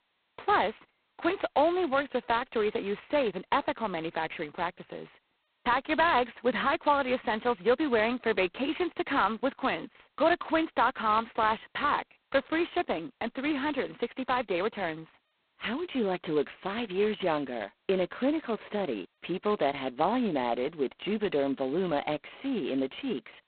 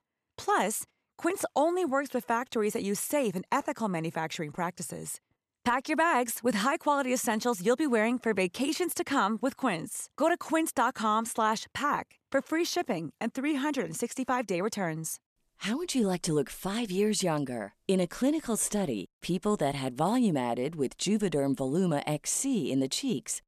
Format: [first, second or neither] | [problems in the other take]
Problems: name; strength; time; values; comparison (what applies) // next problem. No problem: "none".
second | phone-call audio; poor line; nothing above 4 kHz